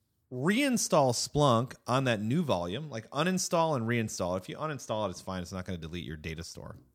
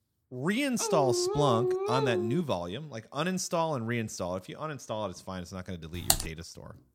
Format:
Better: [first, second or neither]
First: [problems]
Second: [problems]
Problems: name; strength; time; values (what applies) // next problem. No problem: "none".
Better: first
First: none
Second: dog barking; loud; from 1 to 2.5 s; peak 2 dB above the speech // keyboard typing; loud; at 6 s; peak 5 dB above the speech